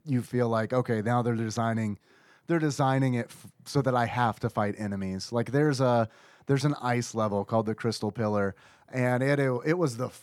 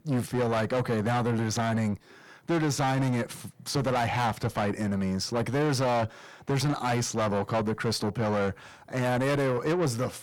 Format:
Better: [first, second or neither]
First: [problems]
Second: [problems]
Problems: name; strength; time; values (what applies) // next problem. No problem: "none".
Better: first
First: none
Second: distortion; heavy; 6 dB below the speech